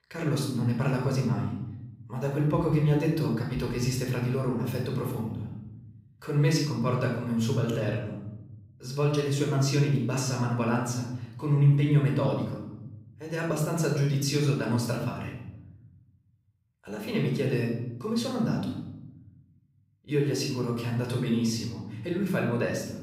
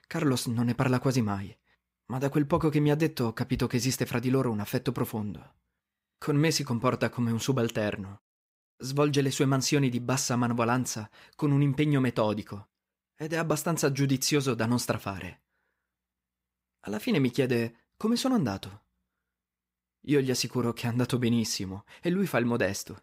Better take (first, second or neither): second